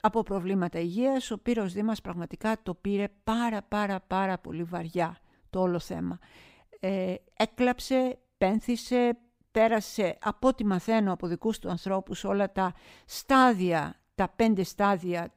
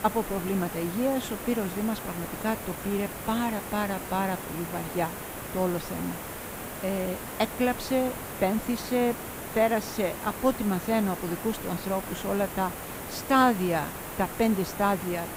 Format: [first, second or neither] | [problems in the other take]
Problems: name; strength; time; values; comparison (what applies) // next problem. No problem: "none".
first | hiss; loud; throughout; 7 dB below the speech